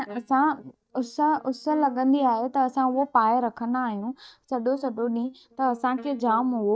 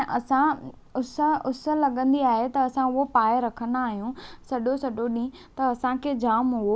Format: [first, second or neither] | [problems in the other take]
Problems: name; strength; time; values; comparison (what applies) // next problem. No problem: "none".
second | noise reduction (neural mask model DeepFilterNet 3)